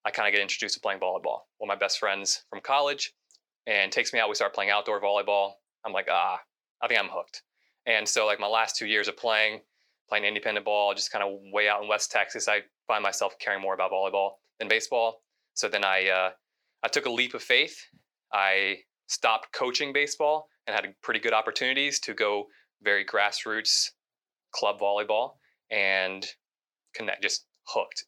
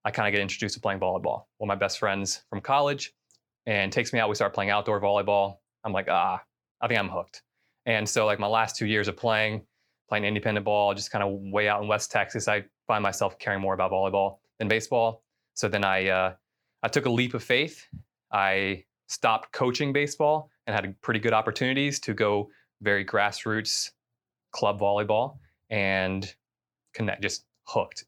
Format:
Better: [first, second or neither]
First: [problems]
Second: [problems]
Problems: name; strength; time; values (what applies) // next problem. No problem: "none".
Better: second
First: thin; somewhat; fading below 450 Hz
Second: none